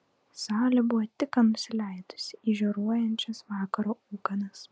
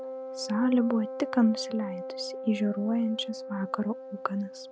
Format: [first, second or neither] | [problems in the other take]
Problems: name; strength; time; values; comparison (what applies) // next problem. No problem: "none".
first | background sound (Wind instrument, woodwind instrument); 9 dB below the speech